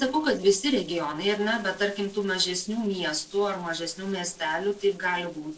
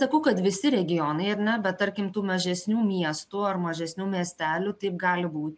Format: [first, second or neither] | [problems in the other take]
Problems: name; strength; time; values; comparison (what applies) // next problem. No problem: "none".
second | noise reduction (neural separator model SepFormer DNS4)